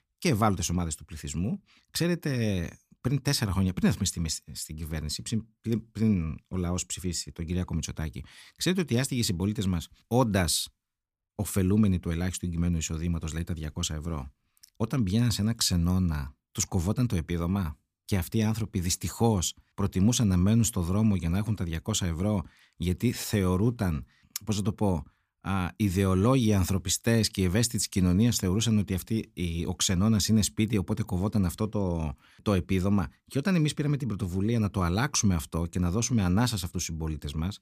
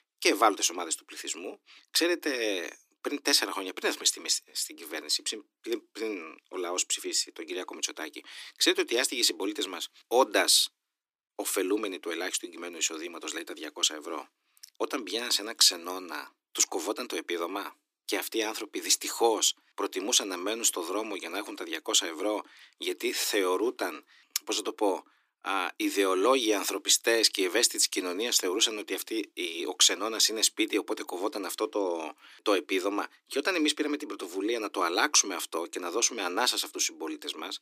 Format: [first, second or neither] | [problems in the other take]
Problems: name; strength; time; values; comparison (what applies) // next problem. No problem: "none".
first | thin; very; fading below 300 Hz